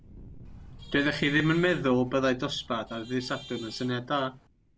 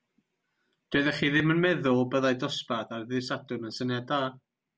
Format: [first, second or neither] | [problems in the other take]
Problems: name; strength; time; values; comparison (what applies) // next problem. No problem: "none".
second | background sound (Traffic noise, roadway noise / Vehicle horn, car horn, honking + Fire); 18 dB below the speech